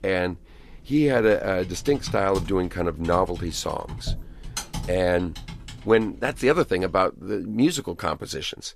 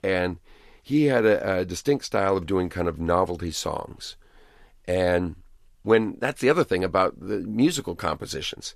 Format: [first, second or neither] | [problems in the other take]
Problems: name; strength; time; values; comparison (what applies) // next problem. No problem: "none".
second | keyboard typing; noticeable; from 0.5 to 7 s; peak 7 dB below the speech